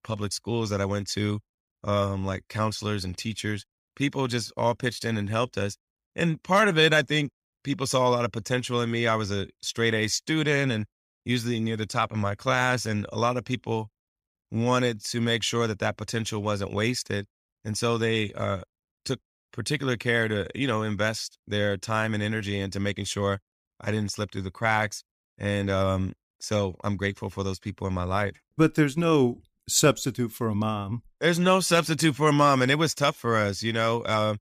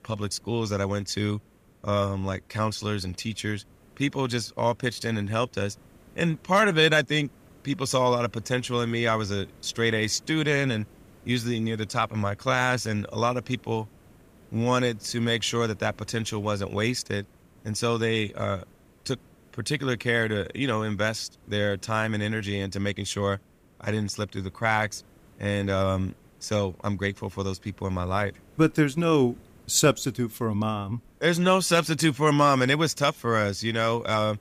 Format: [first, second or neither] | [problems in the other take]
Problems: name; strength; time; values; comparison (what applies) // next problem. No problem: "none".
first | hiss; faint; throughout; 30 dB below the speech